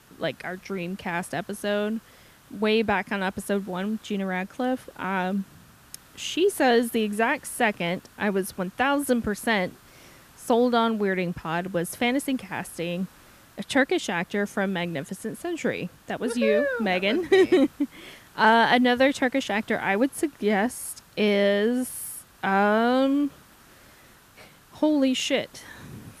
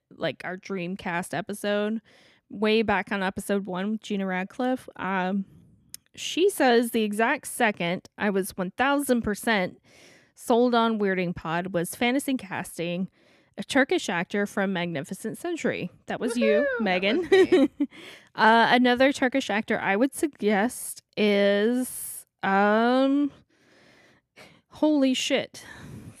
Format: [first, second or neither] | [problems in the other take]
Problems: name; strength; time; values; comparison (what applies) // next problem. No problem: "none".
second | hiss; faint; throughout; 25 dB below the speech